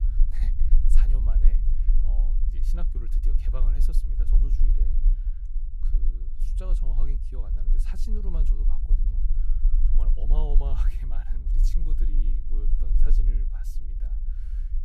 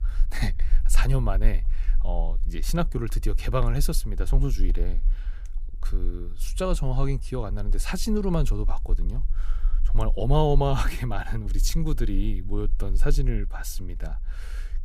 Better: second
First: low rumble; loud; throughout; 4 dB below the speech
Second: low rumble; faint; throughout; 25 dB below the speech

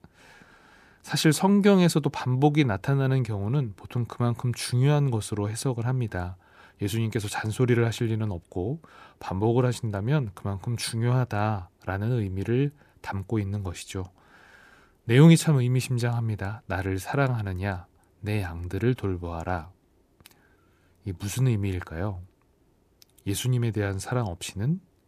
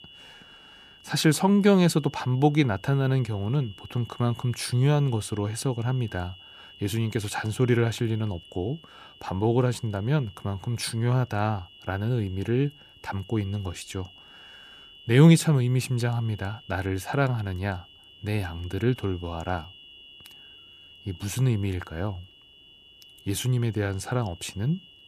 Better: first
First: none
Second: high-pitched whine; faint; throughout; 3 kHz, 20 dB below the speech

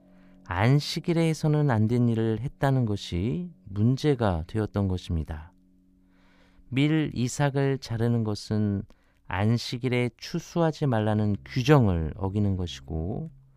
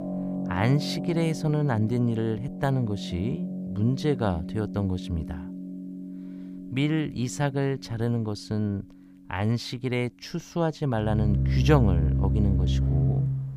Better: first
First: background music; faint; throughout; 30 dB below the speech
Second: background music; loud; throughout; 2 dB below the speech

